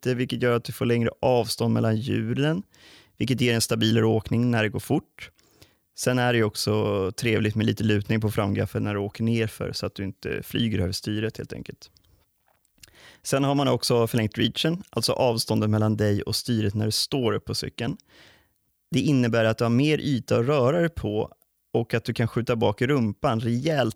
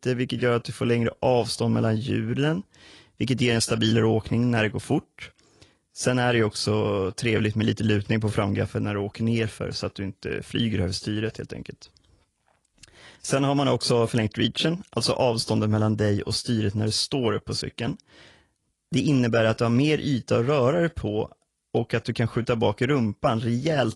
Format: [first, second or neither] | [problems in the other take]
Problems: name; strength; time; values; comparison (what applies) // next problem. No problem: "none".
first | garbled, watery; slightly; nothing above 10.5 kHz